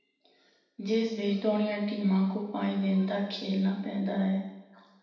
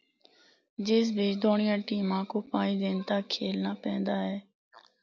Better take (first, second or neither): second